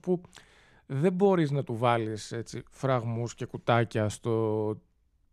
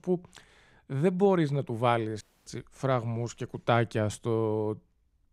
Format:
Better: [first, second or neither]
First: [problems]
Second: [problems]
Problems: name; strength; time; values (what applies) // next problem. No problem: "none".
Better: first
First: none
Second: audio cutting out; at 2 s